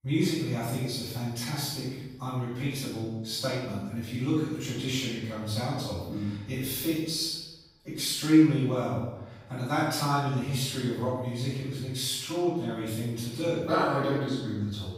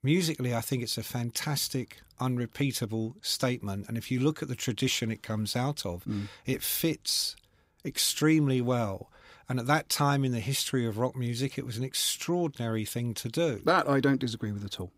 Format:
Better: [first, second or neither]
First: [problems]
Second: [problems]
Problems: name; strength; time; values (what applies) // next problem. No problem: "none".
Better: second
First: room echo; strong; dies away in 0.9 s // off-mic speech; far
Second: none